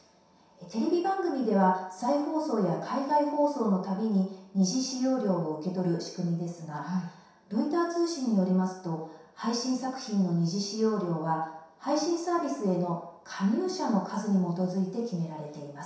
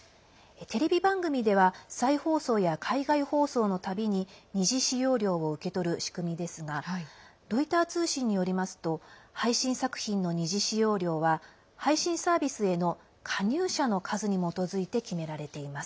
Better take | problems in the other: second | room echo; dies away in 0.7 s

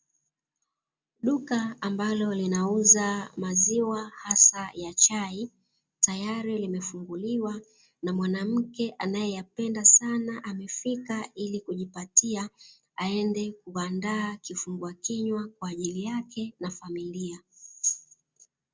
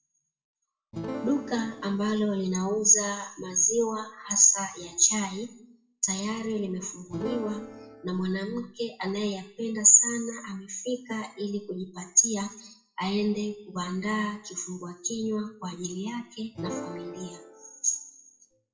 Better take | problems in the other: first | noise reduction (classical method WPE with log-MMSE)

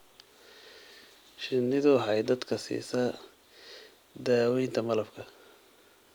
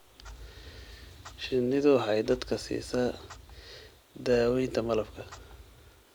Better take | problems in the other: first | background sound (Clock); 18 dB below the speech

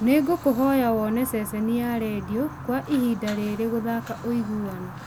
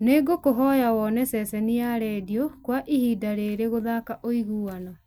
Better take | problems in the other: second | background sound (Fire); 14 dB below the speech

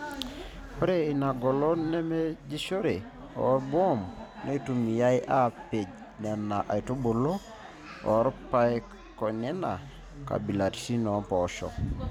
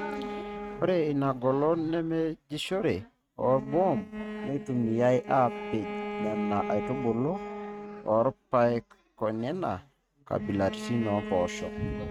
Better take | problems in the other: first | noise reduction (neural mask model RNNoise)

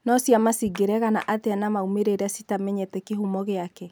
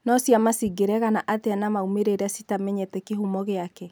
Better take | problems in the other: second | background sound (Clapping); 20 dB below the speech

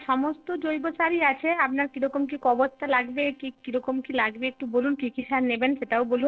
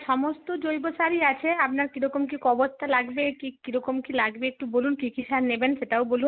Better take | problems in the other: second | noise reduction (neural separator model SepFormer DNS4)

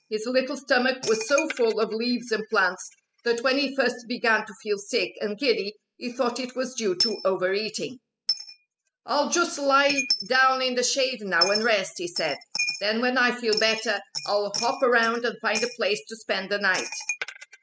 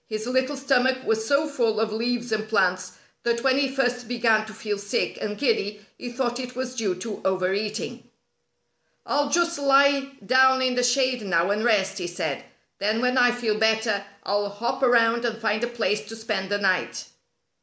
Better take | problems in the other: second | noise reduction (classical method spectral subtraction)

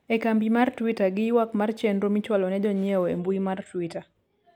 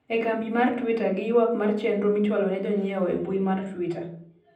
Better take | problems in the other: first | room echo; dies away in 0.6 s

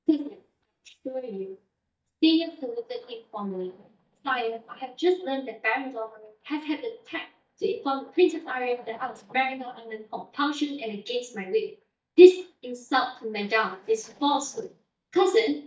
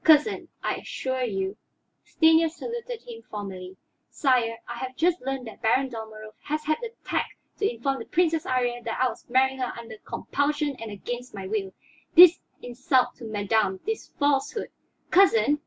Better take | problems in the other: second | noise reduction (neural mask model DeepFilterNet 3)

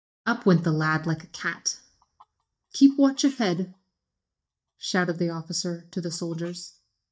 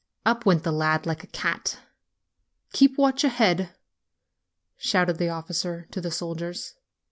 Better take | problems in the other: second | noise reduction (neural mask model DeepFilterNet 3)

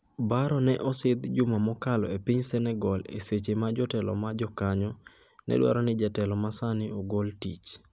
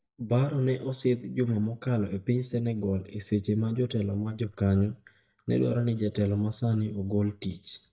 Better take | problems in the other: first | noise reduction (neural mask model DeepFilterNet 3)

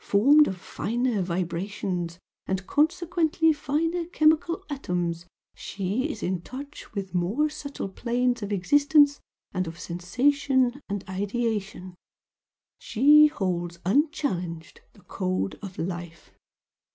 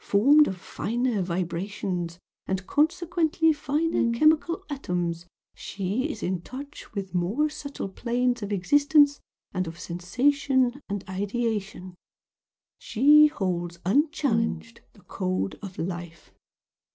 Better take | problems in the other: first | noise reduction (neural separator model SepFormer DNS4)

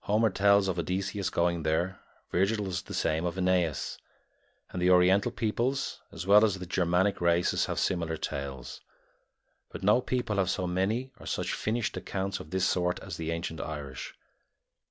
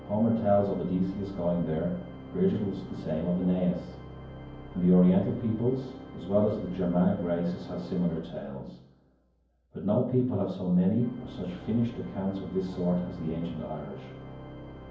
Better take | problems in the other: first | background sound (Organ); 15 dB below the speech // room echo; dies away in 0.9 s

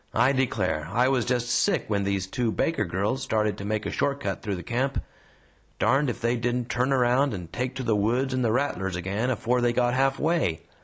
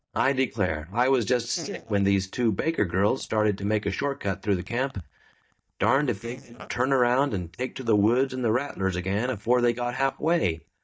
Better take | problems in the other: first | noise reduction (neural mask model DeepFilterNet 3)

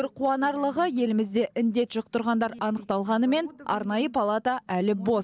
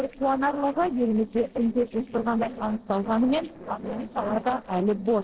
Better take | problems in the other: first | noise reduction (neural separator model SepFormer DNS4)

